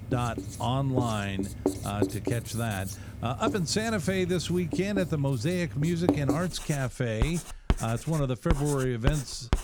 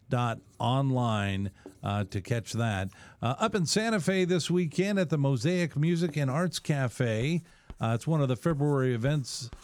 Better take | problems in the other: second | household noises; loud; throughout; 5 dB below the speech; faint in the second

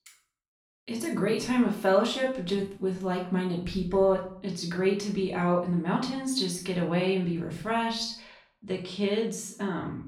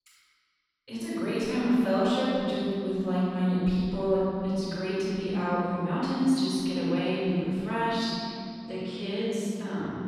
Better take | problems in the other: first | room echo; strong; dies away in 2.8 s; slight in the first // off-mic speech; far; far in the first

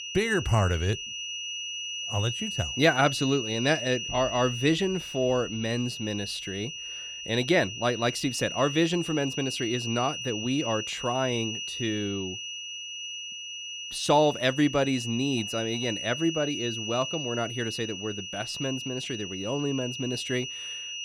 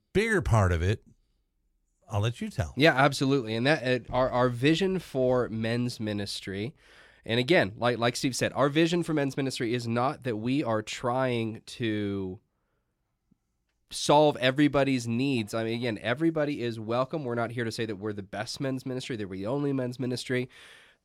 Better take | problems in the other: second | high-pitched whine; loud; throughout; 3 kHz, 6 dB below the speech

